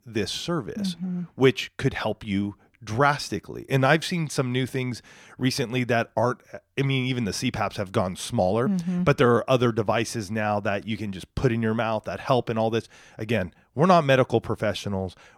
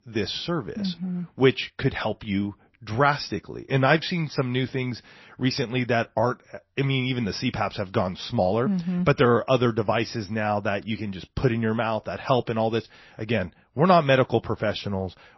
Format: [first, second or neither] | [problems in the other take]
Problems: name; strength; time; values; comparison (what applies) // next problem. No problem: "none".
first | garbled, watery; slightly; nothing above 5.5 kHz